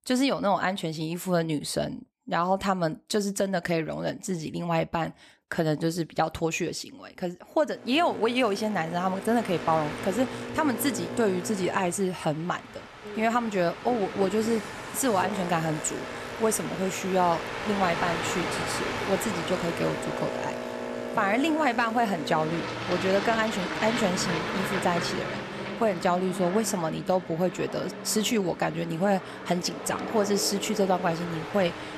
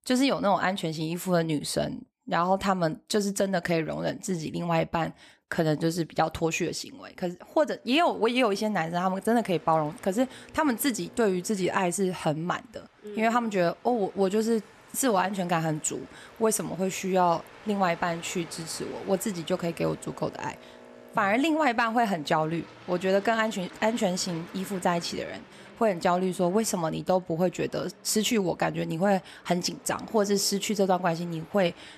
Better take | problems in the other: second | train or aircraft noise; loud; from 8 s on; 6 dB below the speech; faint in the second

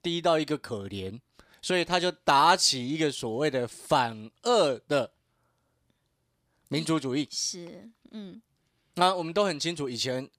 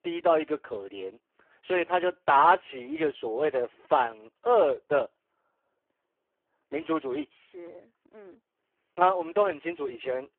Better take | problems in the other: first | phone-call audio; poor line

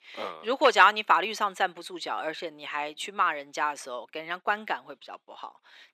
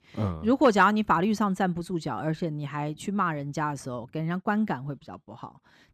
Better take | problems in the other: second | thin; very; fading below 450 Hz

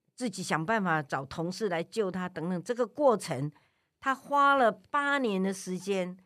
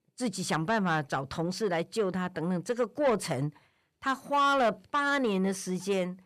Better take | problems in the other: first | distortion; slight; 10 dB below the speech

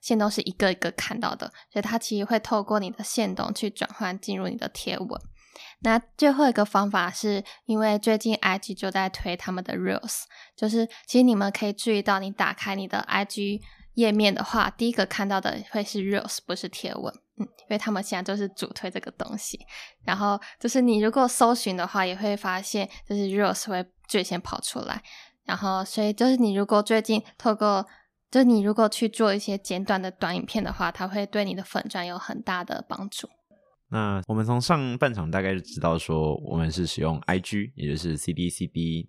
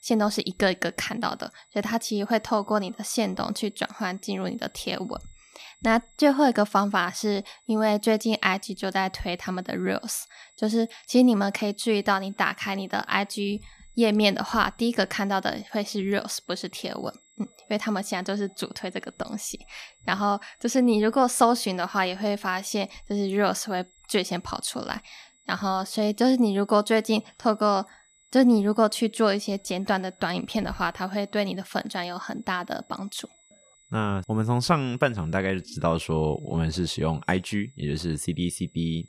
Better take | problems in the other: first | high-pitched whine; faint; throughout; 7.5 kHz, 30 dB below the speech

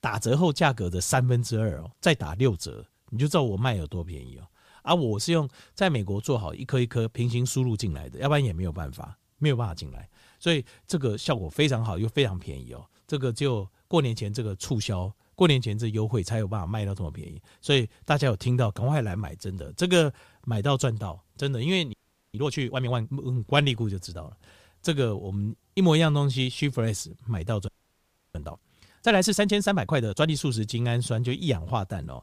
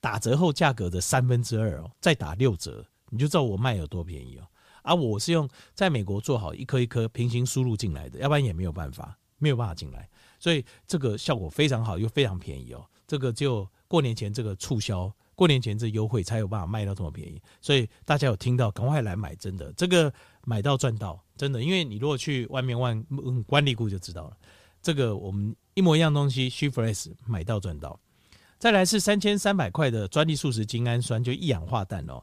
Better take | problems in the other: second | audio freezing; at 22 s and at 28 s for 0.5 s

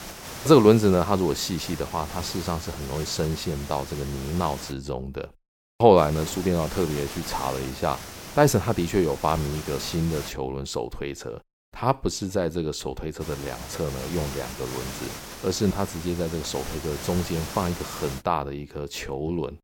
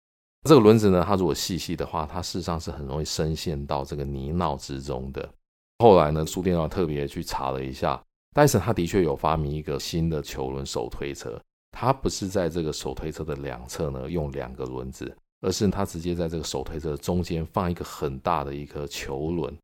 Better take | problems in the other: second | hiss; noticeable; until 4.5 s, from 6 to 10 s and from 13 to 18 s; 10 dB below the speech

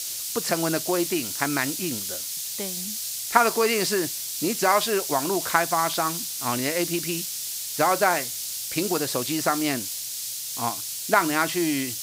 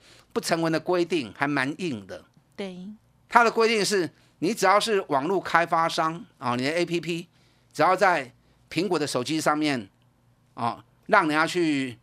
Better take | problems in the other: second | hiss; loud; throughout; 3 dB below the speech

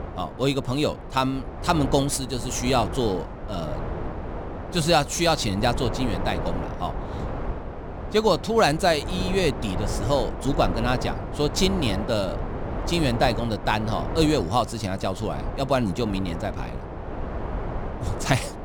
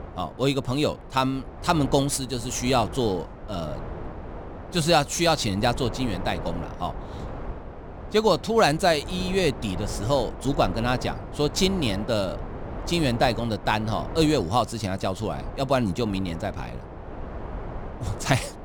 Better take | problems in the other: second | wind noise on the microphone; heavy; 10 dB below the speech; occasional gusts in the second

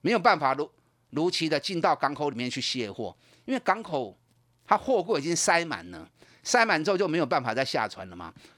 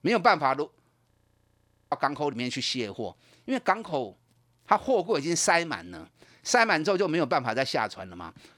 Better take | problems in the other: first | audio freezing; at 1 s for 1 s

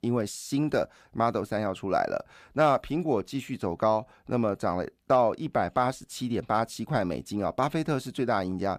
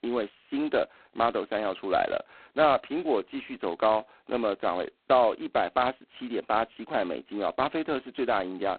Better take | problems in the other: first | phone-call audio; poor line; nothing above 4 kHz

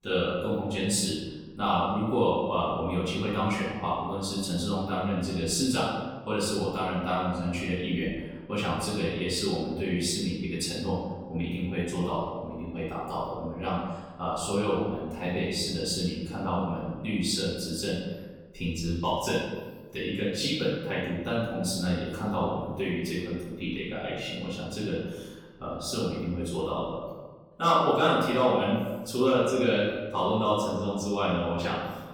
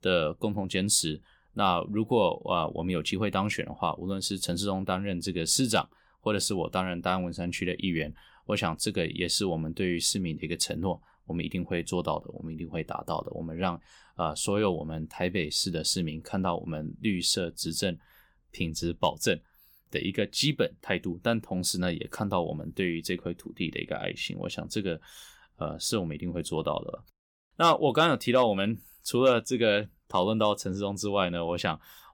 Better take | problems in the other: second | off-mic speech; far // room echo; noticeable; dies away in 1.2 s

